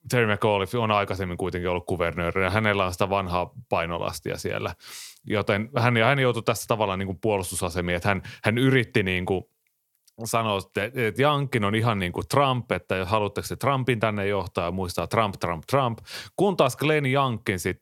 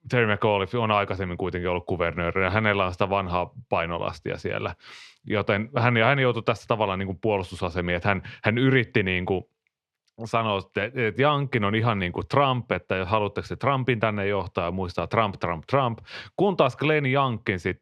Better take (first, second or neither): first